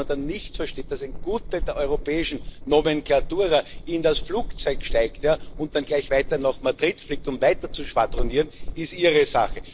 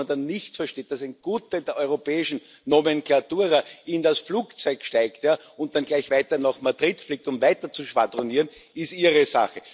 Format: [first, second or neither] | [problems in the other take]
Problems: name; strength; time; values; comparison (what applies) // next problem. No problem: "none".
second | noise reduction (neural separator model SepFormer DNS4)